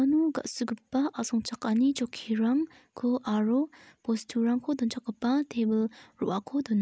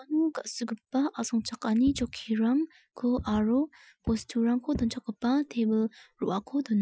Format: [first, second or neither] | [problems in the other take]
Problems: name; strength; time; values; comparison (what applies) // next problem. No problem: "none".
first | noise reduction (classical method Wiener filter)